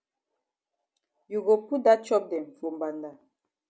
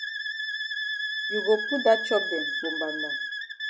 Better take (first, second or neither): first